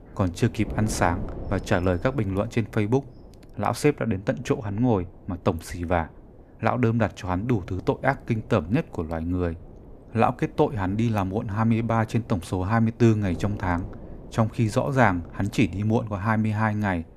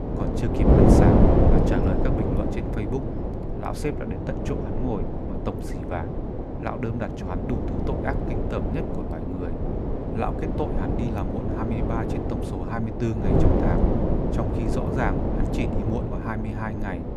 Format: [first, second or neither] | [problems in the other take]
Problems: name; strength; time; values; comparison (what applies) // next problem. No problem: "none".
first | wind noise on the microphone; heavy; 4 dB above the speech; occasional gusts in the first